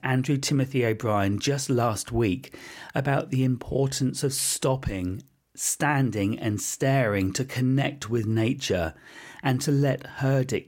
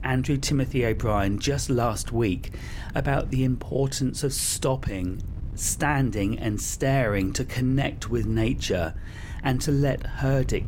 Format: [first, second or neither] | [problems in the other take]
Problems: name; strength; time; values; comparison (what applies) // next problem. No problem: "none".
first | wind noise on the microphone; occasional gusts; 20 dB below the speech